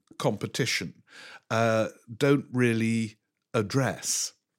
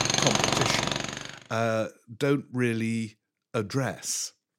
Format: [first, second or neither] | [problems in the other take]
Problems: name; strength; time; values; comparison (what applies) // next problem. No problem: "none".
first | machinery noise; very loud; until 1 s; 4 dB above the speech